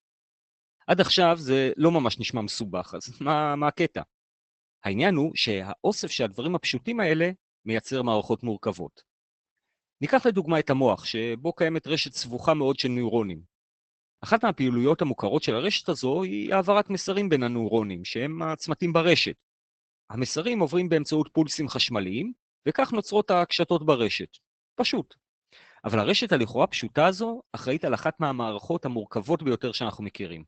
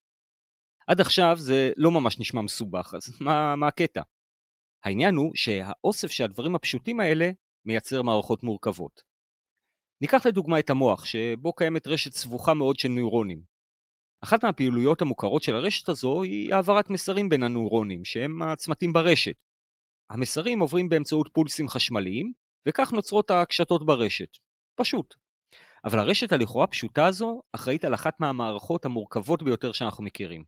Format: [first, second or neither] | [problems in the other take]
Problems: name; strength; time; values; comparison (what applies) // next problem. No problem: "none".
second | garbled, watery; badly; nothing above 8 kHz; slightly in the second